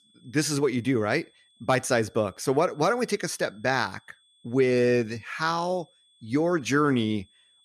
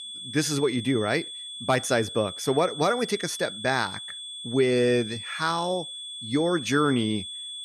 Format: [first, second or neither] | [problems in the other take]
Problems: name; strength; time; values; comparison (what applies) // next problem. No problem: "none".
first | high-pitched whine; loud; throughout; 3.5 kHz, 9 dB below the speech; faint in the first